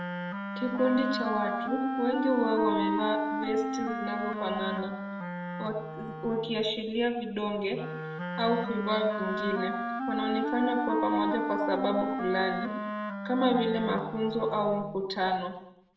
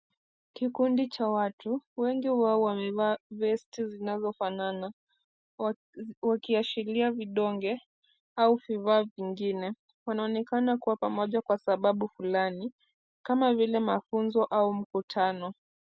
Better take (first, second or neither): second